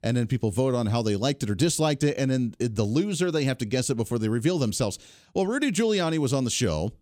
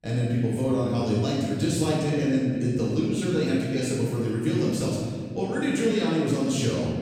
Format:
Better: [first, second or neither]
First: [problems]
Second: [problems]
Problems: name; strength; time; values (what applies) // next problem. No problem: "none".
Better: first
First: none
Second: room echo; strong; dies away in 2 s // off-mic speech; far